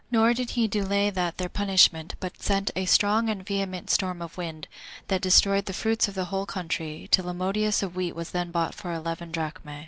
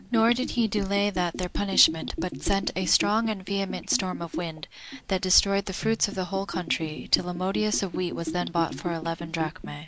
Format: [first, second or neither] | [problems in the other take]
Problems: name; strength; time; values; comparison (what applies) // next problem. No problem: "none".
first | background sound (Bathtub (filling or washing) / Gurgling); 9 dB below the speech